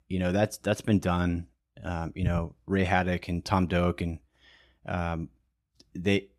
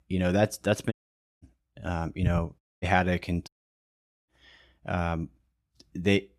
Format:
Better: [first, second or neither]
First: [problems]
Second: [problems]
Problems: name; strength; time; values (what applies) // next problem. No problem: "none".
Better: first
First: none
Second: audio cutting out; at 1 s, at 2.5 s and at 3.5 s for 1 s